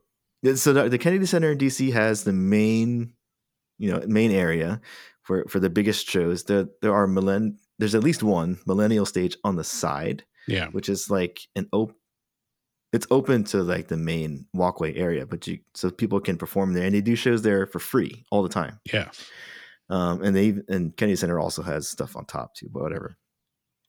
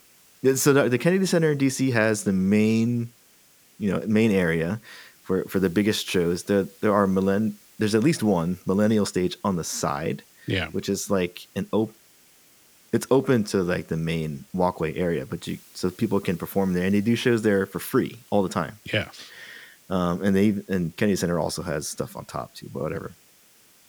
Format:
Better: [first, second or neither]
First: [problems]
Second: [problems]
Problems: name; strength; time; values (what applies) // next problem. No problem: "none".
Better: first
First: none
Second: hiss; faint; throughout; 25 dB below the speech